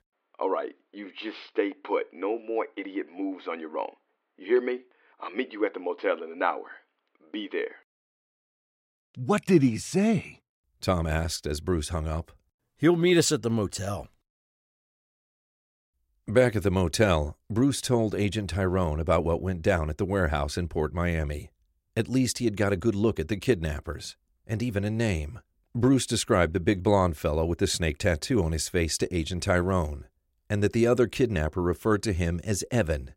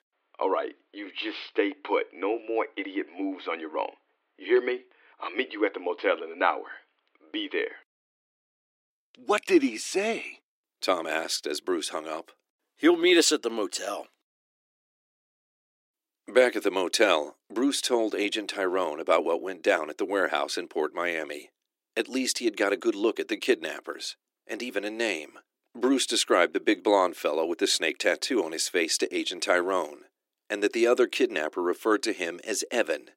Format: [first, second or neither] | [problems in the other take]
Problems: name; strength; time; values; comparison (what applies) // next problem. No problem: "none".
first | thin; somewhat; fading below 300 Hz